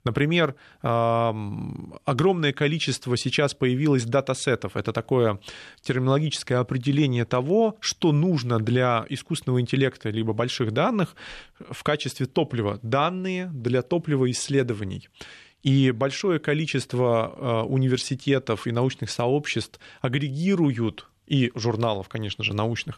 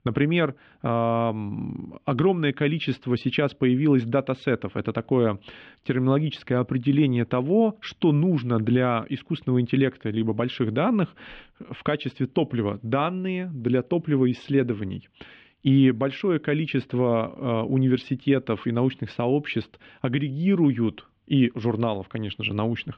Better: first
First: none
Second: muffled; very; fading above 3 kHz

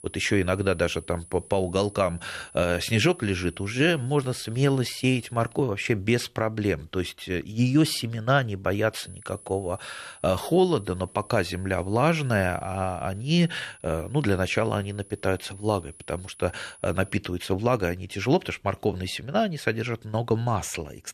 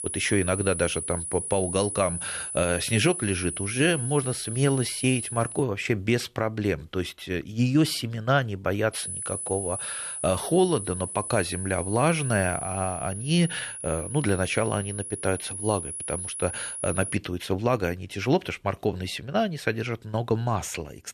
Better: first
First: high-pitched whine; faint; until 5.5 s and from 9 to 17 s; 10 kHz, 20 dB below the speech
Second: high-pitched whine; loud; until 5.5 s and from 9 to 17 s; 10 kHz, 5 dB below the speech

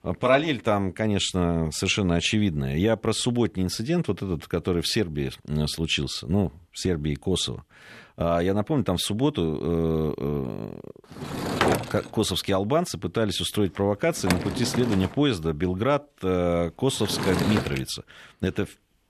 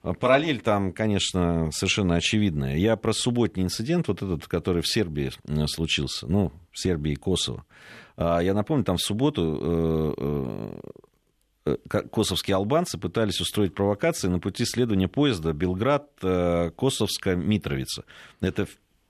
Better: second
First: door banging; loud; from 11 to 18 s; peak 2 dB above the speech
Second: none

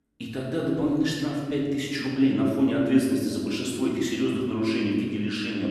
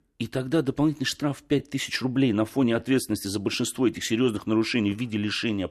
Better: second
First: room echo; noticeable; dies away in 1.6 s // off-mic speech; far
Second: none

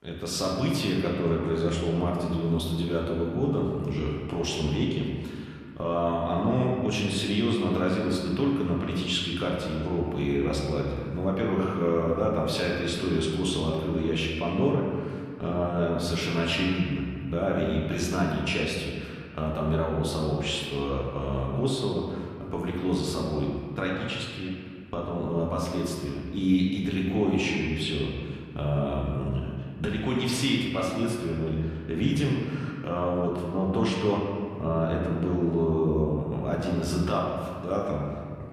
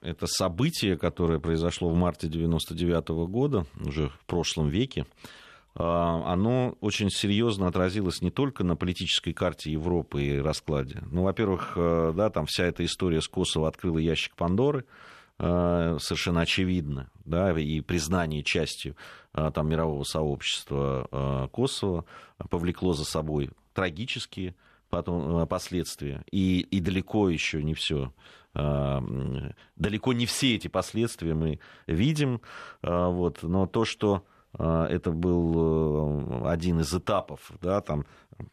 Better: second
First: room echo; noticeable; dies away in 1.9 s // off-mic speech; somewhat distant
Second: none

